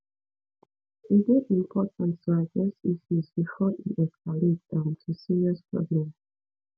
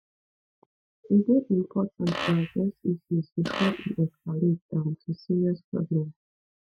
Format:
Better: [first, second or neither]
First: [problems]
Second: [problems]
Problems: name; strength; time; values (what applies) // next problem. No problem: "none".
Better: first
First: none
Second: noise reduction (classical method Wiener filter)